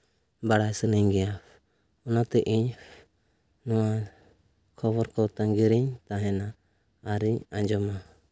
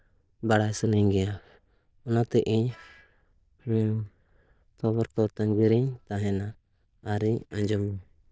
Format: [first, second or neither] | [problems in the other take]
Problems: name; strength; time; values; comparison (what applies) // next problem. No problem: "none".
first | noise reduction (neural diffusion model UNIVERSE++)